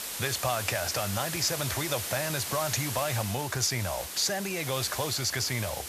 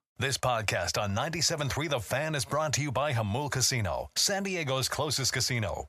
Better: second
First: hiss; loud; throughout; 4 dB below the speech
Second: none

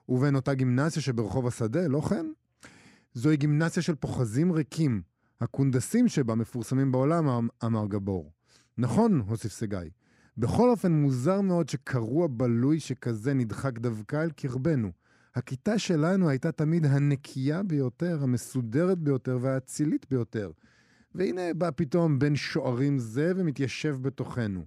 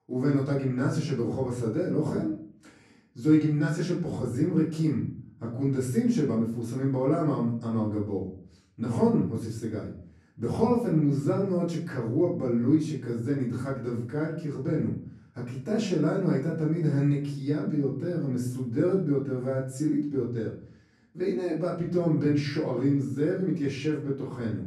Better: first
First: none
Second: off-mic speech; far // room echo; slight; dies away in 0.5 s

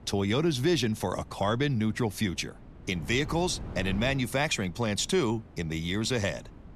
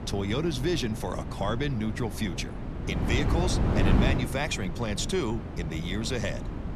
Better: first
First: wind noise on the microphone; occasional gusts; 20 dB below the speech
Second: wind noise on the microphone; heavy; 5 dB below the speech

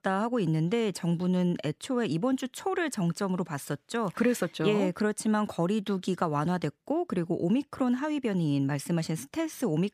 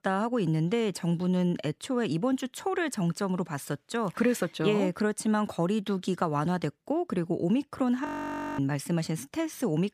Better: first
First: none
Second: audio freezing; at 8 s for 0.5 s

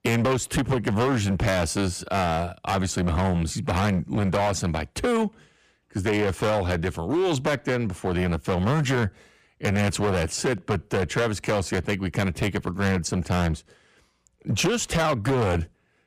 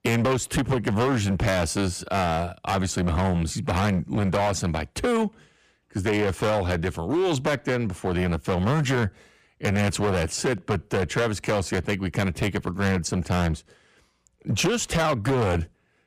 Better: neither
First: distortion; heavy; 16% of the sound clipped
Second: distortion; heavy; 16% of the sound clipped

